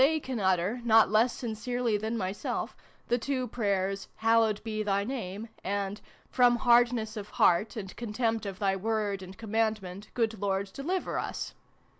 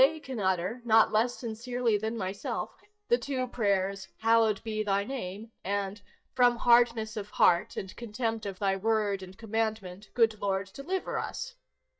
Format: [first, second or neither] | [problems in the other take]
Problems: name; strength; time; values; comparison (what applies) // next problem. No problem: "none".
first | noise reduction (neural mask model DeepFilterNet 3)